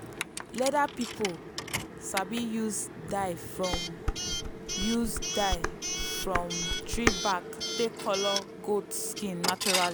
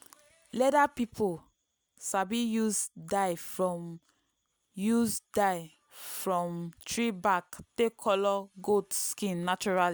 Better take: second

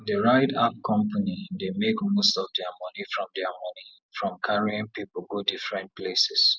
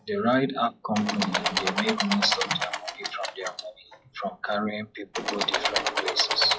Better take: first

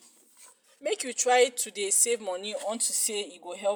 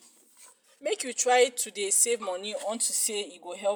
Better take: first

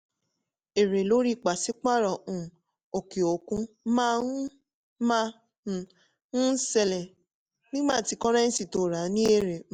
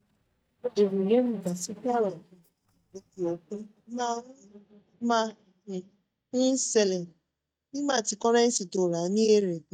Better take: first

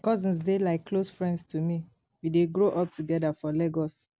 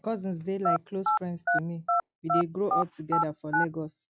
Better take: first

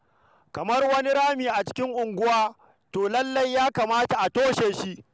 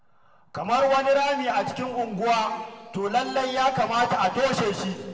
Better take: first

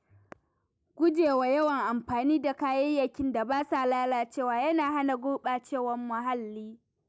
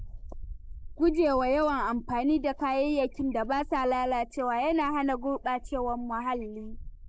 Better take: first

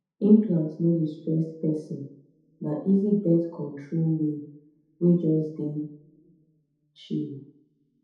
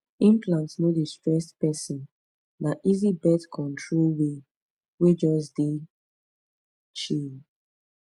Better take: second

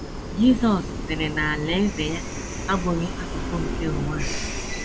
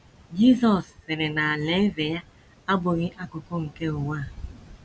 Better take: second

